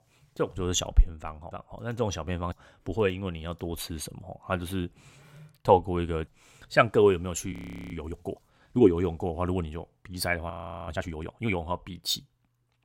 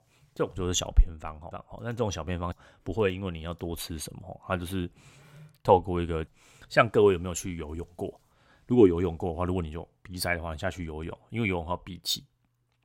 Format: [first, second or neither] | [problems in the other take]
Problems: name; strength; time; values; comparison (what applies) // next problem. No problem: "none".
second | audio freezing; at 7.5 s and at 11 s